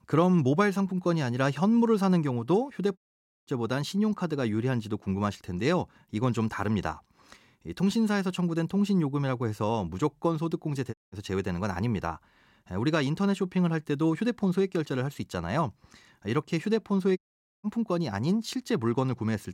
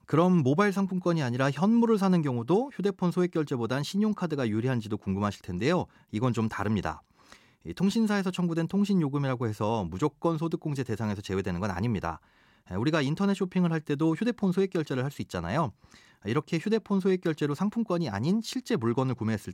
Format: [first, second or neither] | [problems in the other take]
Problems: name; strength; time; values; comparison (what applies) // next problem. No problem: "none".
second | audio cutting out; at 3 s, at 11 s and at 17 s